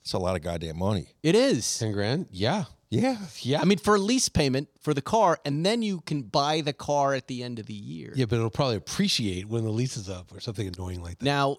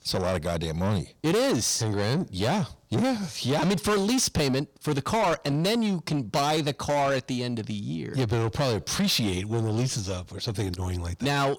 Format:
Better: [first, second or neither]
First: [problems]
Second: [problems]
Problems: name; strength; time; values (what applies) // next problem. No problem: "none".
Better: first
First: none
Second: distortion; heavy; 7 dB below the speech